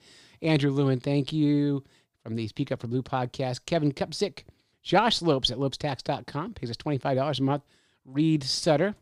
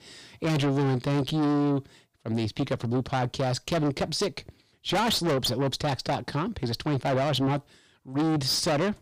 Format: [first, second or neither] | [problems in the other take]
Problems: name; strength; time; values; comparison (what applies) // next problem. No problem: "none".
first | distortion; heavy; 6 dB below the speech